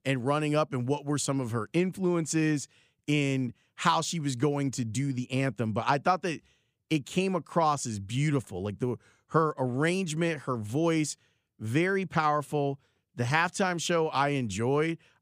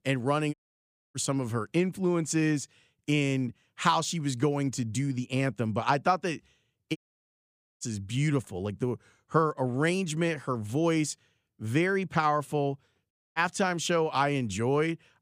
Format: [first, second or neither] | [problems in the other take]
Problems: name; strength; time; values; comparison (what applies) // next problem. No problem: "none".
first | audio cutting out; at 0.5 s for 0.5 s, at 7 s for 1 s and at 13 s